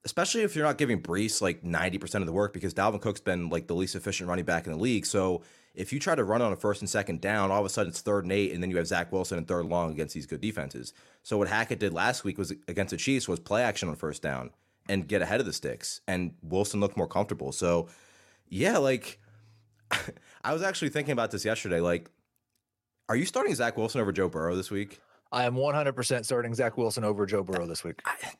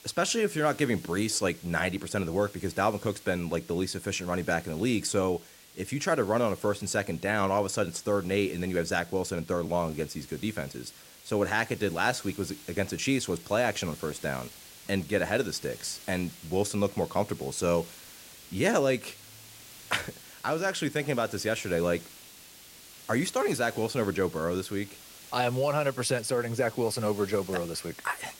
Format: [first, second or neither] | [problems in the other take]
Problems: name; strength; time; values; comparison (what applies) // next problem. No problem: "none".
first | hiss; noticeable; throughout; 20 dB below the speech